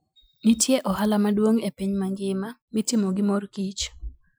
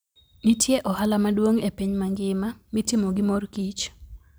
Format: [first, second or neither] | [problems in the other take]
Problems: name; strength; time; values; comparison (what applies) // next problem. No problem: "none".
second | noise reduction (classical method Wiener filter)